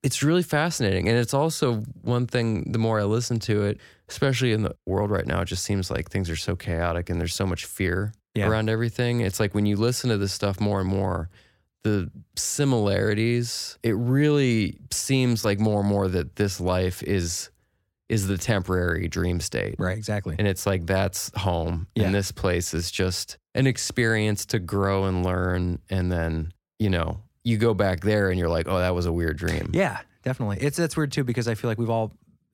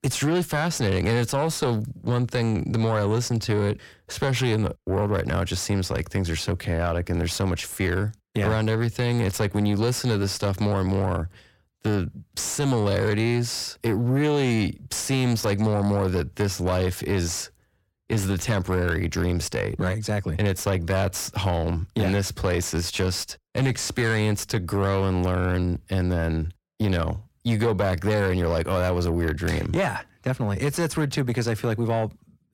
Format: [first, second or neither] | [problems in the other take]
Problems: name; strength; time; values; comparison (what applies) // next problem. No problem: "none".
first | distortion; slight; 10 dB below the speech